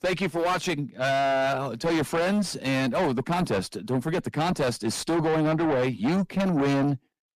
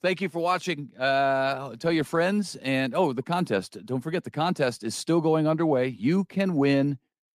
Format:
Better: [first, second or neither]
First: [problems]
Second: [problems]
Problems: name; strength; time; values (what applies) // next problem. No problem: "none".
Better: second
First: distortion; heavy; 6 dB below the speech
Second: none